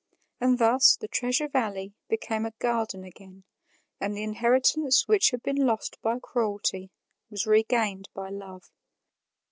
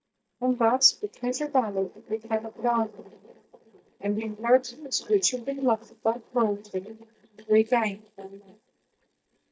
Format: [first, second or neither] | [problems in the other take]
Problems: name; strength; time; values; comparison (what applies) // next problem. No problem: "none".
first | noise reduction (neural mask model DeepFilterNet 3)